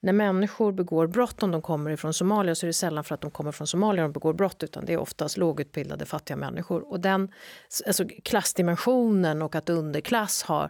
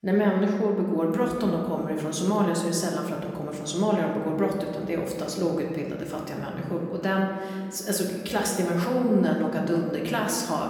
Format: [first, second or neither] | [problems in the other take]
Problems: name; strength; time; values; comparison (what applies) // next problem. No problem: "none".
first | room echo; noticeable; dies away in 1.8 s // off-mic speech; somewhat distant